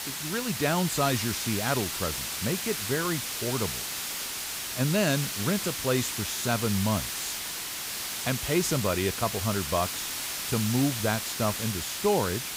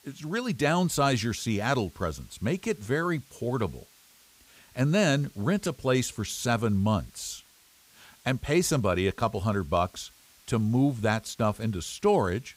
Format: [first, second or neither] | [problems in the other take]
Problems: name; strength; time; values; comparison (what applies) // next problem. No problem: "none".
second | hiss; loud; throughout; 2 dB below the speech; faint in the second